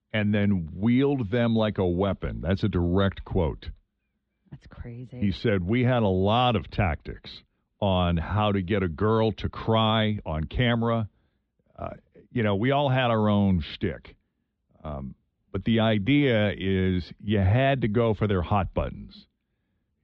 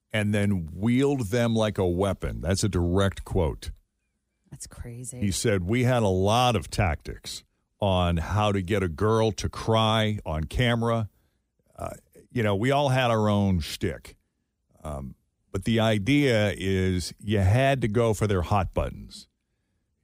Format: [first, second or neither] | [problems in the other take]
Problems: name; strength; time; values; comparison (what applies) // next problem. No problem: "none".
second | muffled; slightly; fading above 3.5 kHz